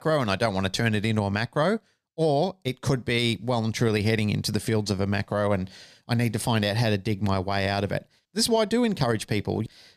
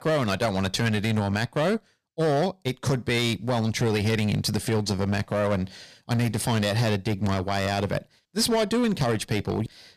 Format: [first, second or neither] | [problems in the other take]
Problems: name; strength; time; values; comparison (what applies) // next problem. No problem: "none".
first | distortion; slight; 11% of the sound clipped